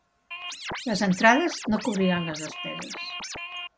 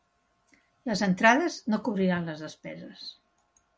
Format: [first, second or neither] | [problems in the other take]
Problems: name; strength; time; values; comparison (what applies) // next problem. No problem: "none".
second | background sound (Scratching (performance technique)); 10 dB below the speech